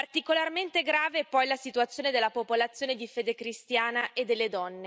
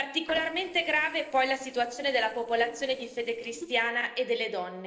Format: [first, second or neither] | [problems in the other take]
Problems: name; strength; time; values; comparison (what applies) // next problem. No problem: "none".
first | noise reduction (neural separator model SepFormer DNS4)